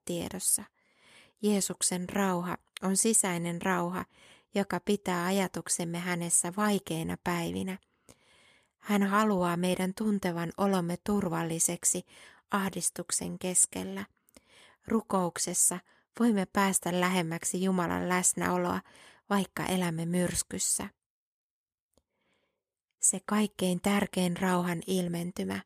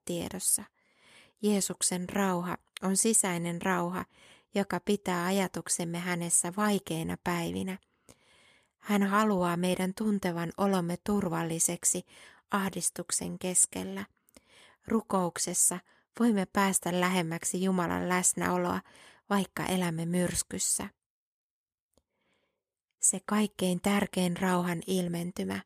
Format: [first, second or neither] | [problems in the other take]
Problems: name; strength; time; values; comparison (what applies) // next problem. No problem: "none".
neither | none